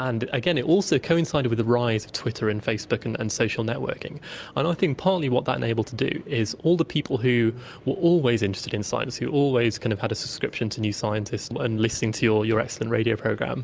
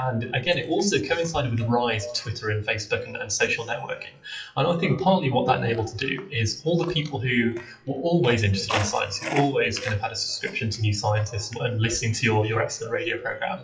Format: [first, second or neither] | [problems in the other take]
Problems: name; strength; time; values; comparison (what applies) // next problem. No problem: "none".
first | noise reduction (classical method WPE with log-MMSE)